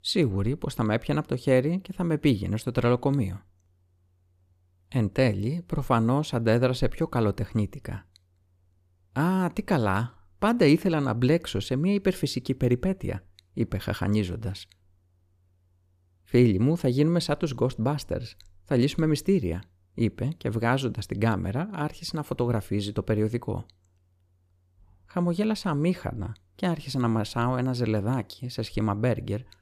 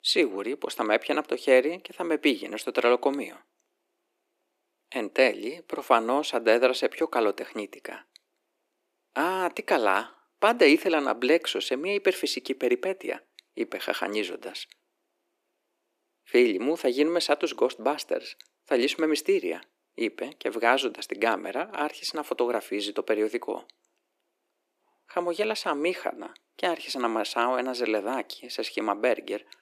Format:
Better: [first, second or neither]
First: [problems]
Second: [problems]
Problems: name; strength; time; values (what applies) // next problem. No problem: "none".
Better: first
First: none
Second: thin; very; fading below 300 Hz